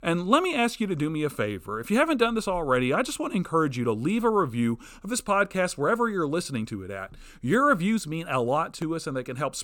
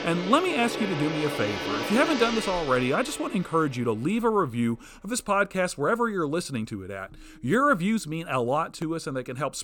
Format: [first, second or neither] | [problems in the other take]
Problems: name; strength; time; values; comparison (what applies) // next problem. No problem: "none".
first | background music; loud; throughout; 6 dB below the speech